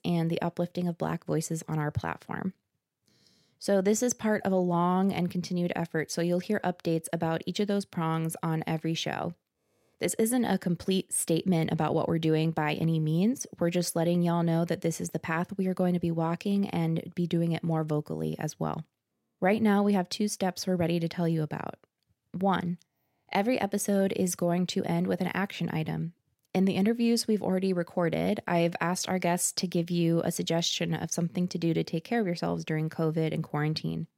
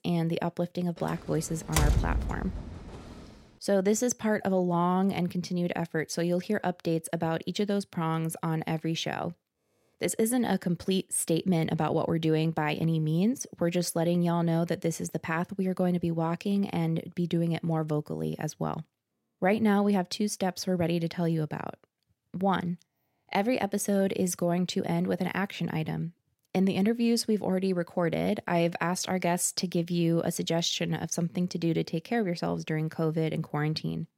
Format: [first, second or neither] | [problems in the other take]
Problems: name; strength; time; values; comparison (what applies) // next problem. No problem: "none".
first | door banging; loud; from 1.5 to 3 s; peak 2 dB above the speech